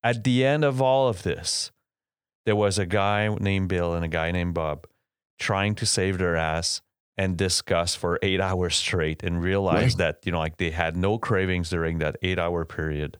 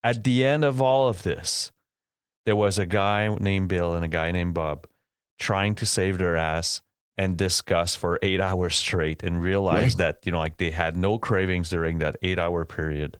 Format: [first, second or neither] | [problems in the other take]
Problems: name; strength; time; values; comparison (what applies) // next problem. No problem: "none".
first | garbled, watery; slightly